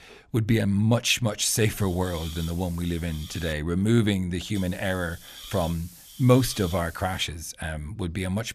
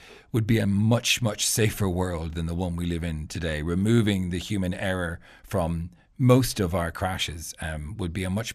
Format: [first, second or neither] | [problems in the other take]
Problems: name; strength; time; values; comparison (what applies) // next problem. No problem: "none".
second | hiss; noticeable; from 1.5 to 3.5 s and from 4.5 to 7 s; 15 dB below the speech